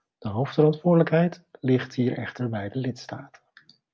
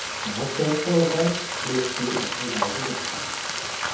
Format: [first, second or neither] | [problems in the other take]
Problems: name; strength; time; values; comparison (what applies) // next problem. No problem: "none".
first | background sound (Frying (food)); 2 dB below the speech // room echo; dies away in 0.7 s